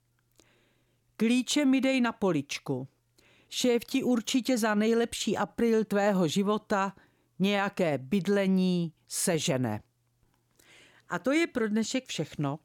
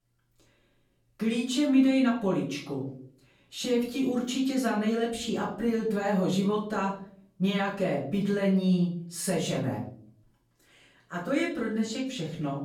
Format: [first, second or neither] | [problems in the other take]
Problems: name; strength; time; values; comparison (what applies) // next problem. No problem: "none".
first | off-mic speech; far // room echo; slight; dies away in 0.5 s